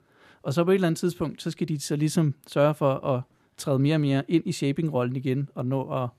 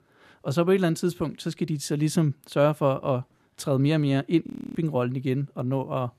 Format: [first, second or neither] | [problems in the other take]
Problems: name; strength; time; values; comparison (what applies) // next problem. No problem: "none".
first | audio freezing; at 4.5 s